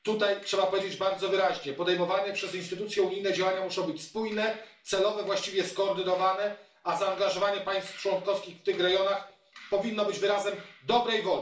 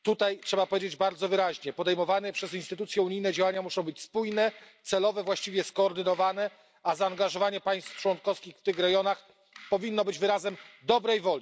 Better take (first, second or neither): second